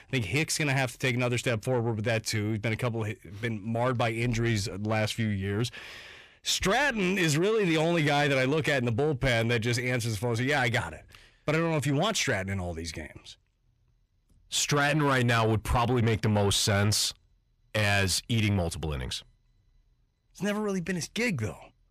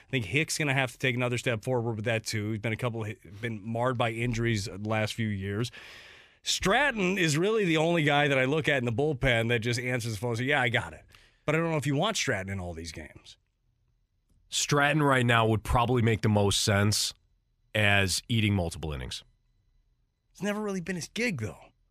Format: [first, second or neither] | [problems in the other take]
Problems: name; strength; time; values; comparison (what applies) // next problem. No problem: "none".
second | distortion; slight; 10 dB below the speech